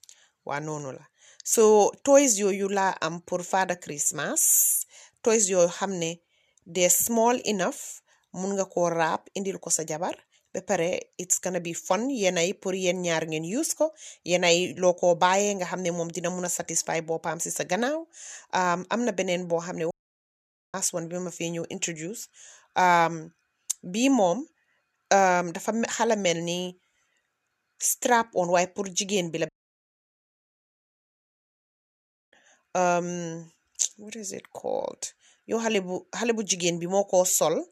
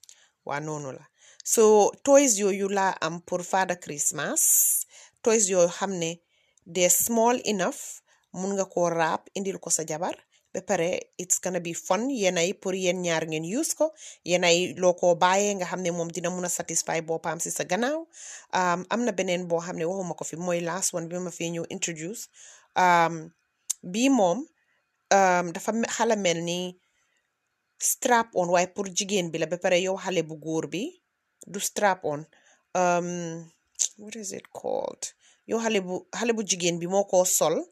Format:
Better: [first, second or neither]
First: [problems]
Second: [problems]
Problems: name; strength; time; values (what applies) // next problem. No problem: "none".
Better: second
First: audio cutting out; at 20 s for 1 s and at 29 s for 3 s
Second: none